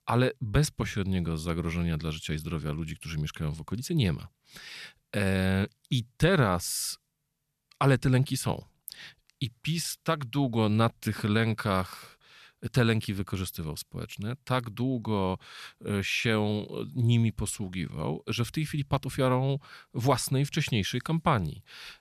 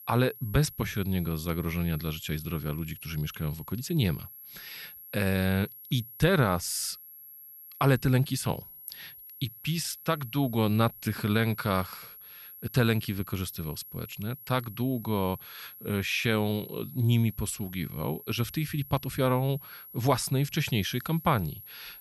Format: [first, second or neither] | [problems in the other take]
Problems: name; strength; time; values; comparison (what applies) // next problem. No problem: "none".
first | high-pitched whine; noticeable; throughout; 11.5 kHz, 15 dB below the speech